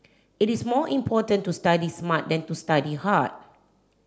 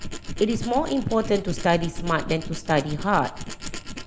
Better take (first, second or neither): first